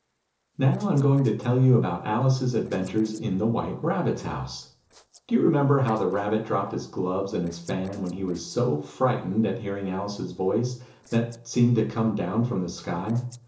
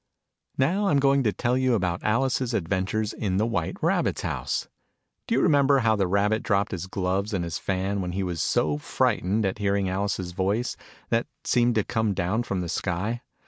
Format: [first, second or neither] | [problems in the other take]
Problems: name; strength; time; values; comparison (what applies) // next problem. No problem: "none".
second | noise reduction (neural separator model SepFormer DNS4)